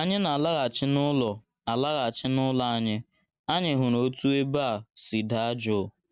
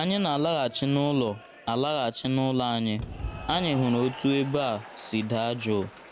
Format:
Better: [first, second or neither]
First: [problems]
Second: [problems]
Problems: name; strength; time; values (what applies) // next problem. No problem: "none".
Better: first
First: none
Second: background sound (Applause / Cheering); 15 dB below the speech